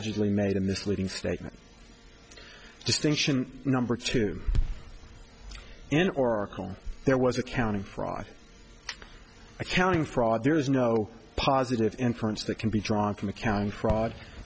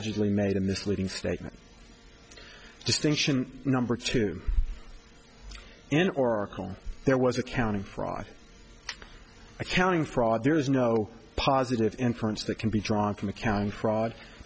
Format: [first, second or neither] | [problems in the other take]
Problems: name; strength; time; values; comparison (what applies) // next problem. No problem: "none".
second | background sound (Fireworks); 17 dB below the speech